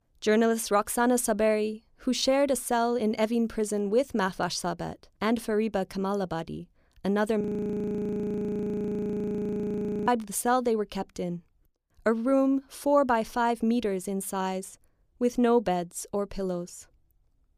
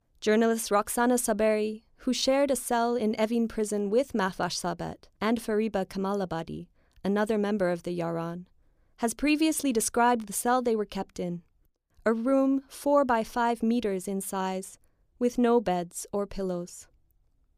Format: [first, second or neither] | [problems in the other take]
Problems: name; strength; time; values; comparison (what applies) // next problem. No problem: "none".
second | audio freezing; at 7.5 s for 2.5 s